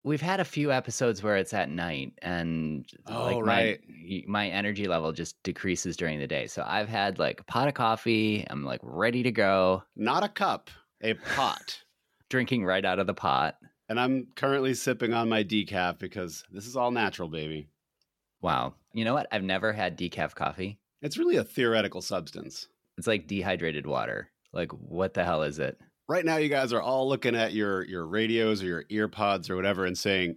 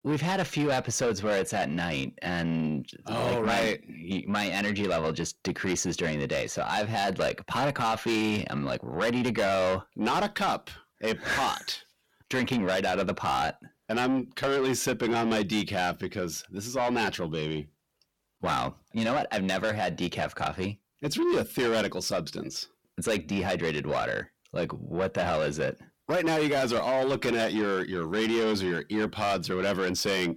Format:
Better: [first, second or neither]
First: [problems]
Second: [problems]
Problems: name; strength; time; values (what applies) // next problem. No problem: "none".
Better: first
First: none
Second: distortion; heavy; 7 dB below the speech